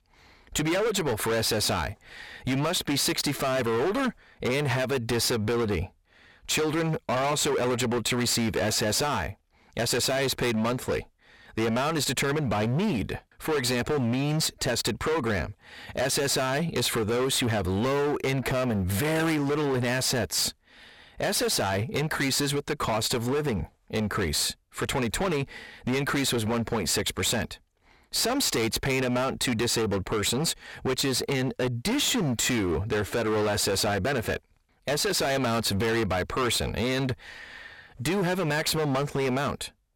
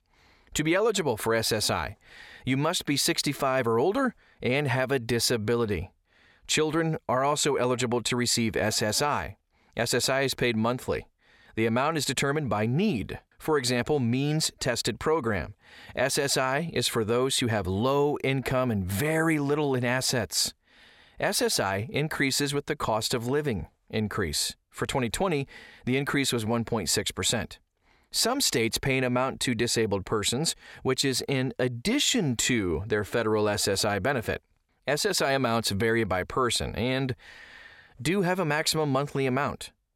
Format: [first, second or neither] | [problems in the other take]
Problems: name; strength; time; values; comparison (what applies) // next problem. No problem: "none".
second | distortion; heavy; 25% of the sound clipped